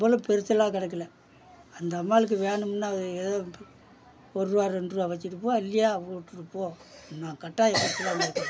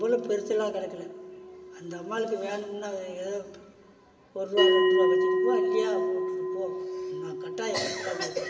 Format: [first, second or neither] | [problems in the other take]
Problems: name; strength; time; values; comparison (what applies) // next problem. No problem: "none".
first | background sound (Bell); 3 dB above the speech // room echo; dies away in 2.7 s